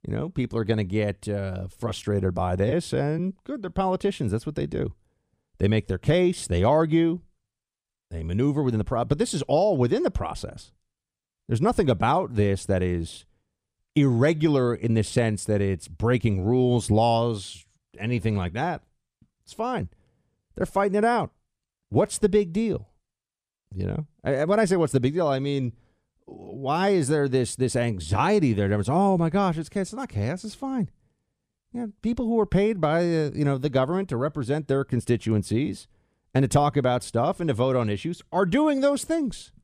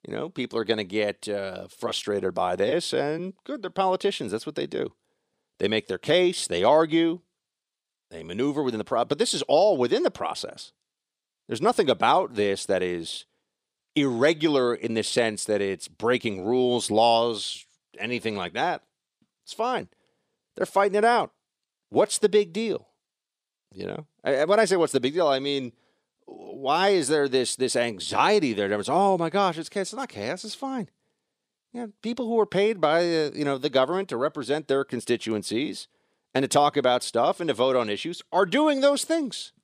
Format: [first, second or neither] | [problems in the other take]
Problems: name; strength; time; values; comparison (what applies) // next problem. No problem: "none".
first | thin; somewhat; fading below 350 Hz